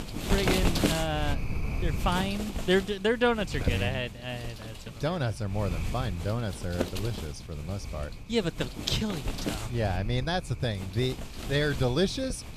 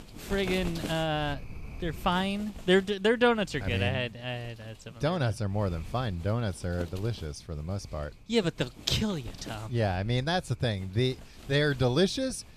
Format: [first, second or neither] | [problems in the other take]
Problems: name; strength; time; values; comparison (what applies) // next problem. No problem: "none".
second | wind noise on the microphone; heavy; 6 dB below the speech; occasional gusts in the second